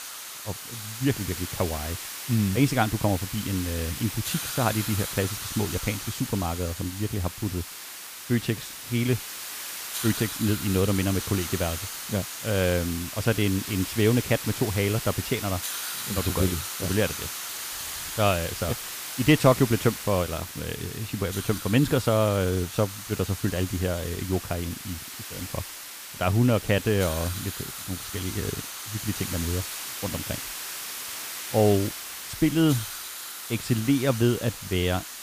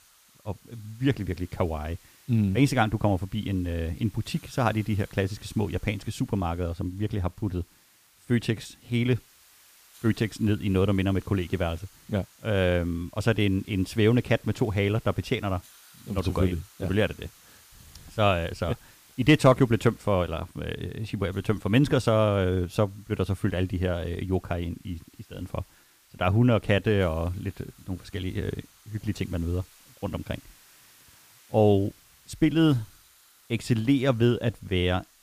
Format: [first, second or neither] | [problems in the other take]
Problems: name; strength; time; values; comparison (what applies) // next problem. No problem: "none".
second | hiss; loud; throughout; 7 dB below the speech; faint in the second